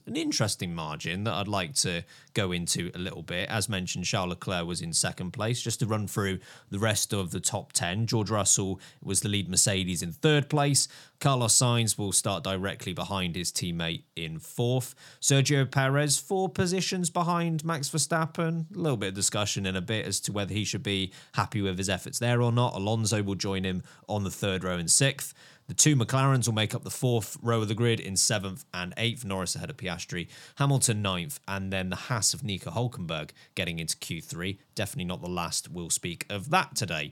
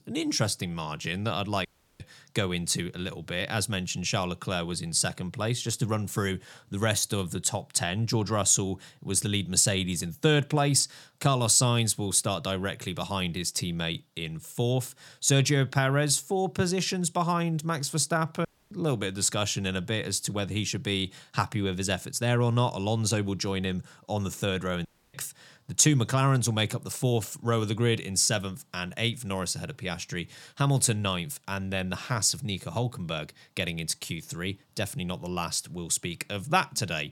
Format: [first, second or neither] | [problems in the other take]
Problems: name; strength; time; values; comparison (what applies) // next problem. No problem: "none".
first | audio cutting out; at 1.5 s, at 18 s and at 25 s